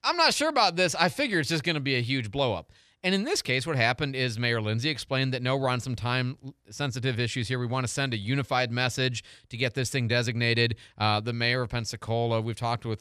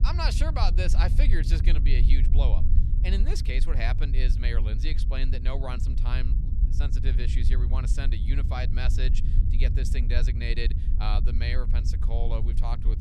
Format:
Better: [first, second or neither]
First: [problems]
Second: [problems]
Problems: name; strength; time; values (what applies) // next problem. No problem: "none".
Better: first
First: none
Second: low rumble; loud; throughout; 9 dB below the speech